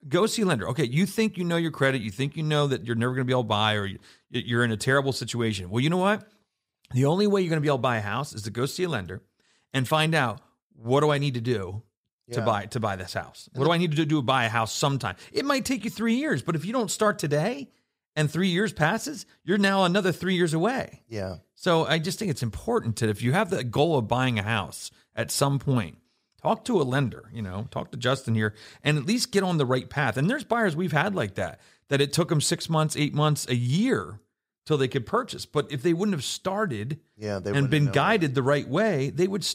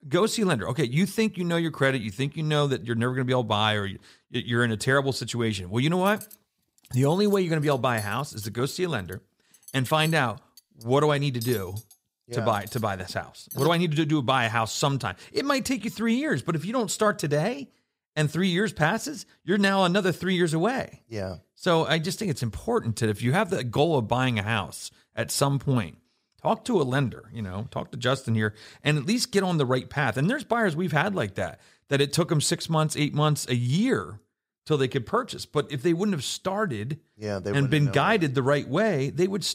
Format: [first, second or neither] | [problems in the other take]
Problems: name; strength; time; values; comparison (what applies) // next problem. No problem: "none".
first | clattering dishes; faint; from 6 to 14 s; peak 10 dB below the speech